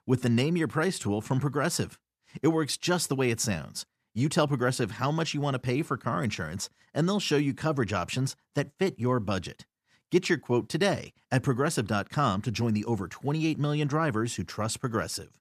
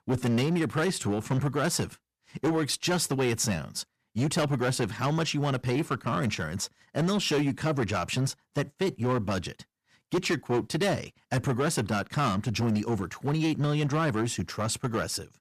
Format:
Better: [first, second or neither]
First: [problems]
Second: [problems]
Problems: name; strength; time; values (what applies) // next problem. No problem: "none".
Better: first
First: none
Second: distortion; slight; 11% of the sound clipped